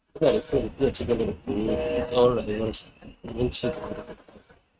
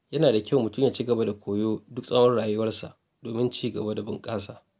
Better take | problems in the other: second | noise reduction (neural mask model RNNoise)

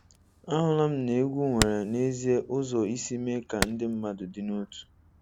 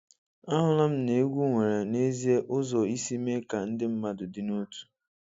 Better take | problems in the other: second | background sound (Hammer); 10 dB below the speech

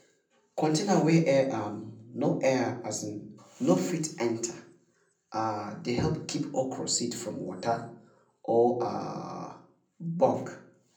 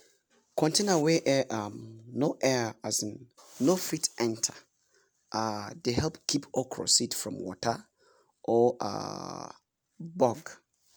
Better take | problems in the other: second | room echo; dies away in 0.6 s

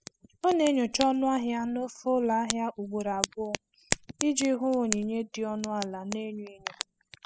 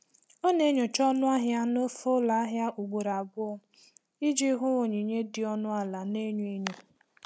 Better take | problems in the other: second | noise reduction (classical method spectral subtraction)

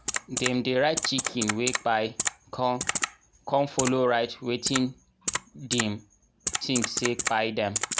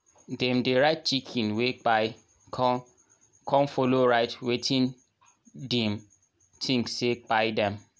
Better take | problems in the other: second | background sound (Typing); 4 dB below the speech

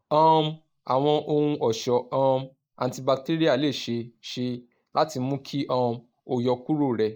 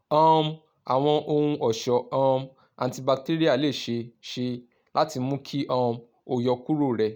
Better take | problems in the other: second | noise reduction (neural mask model Resemble Enhance denoiser)

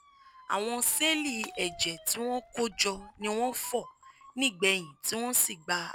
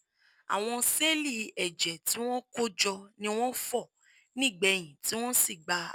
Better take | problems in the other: second | background sound (Motor vehicle (road) / Siren + Shatter / Crushing); 19 dB below the speech

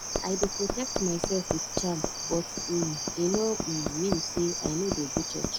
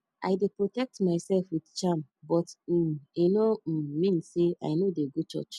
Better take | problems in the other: second | background sound (Cricket + Hammer); 1 dB below the speech

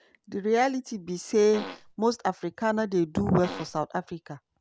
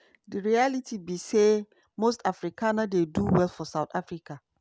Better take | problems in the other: second | background sound (Fart); 11 dB below the speech

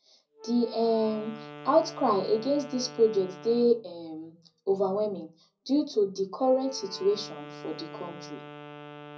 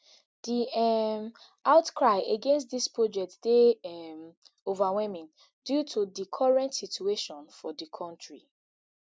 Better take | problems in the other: second | background sound (Wind instrument, woodwind instrument); 17 dB below the speech // room echo; dies away in 0.4 s

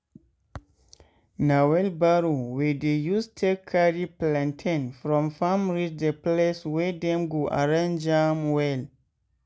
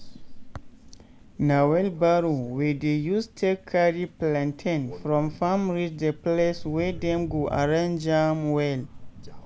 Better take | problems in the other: first | background sound (Crow); 16 dB below the speech

